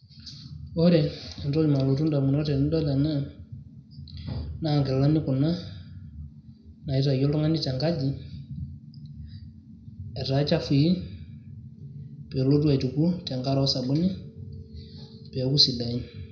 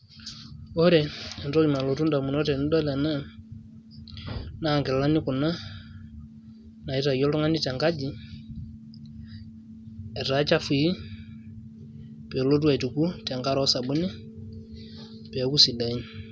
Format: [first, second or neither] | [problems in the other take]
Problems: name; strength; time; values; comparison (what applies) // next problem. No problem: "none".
second | room echo; dies away in 0.5 s